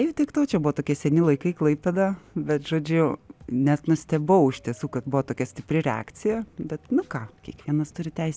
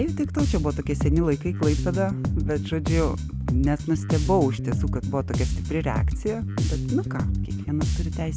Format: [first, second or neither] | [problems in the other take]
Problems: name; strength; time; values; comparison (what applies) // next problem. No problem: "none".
first | background sound (Bass guitar); 1 dB above the speech